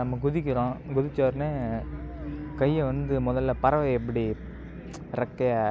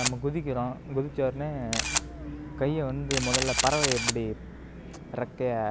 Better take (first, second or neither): first